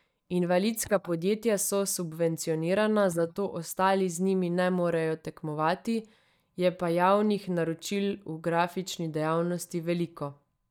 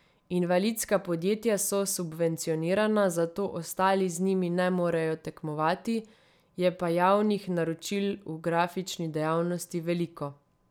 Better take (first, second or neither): second